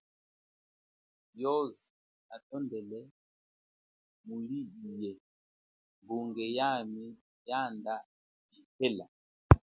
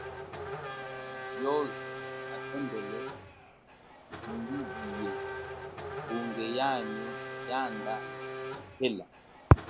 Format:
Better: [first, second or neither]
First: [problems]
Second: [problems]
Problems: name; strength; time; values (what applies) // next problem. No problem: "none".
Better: first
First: none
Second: background sound (Race car, auto racing / Accelerating, revving, vroom); 6 dB below the speech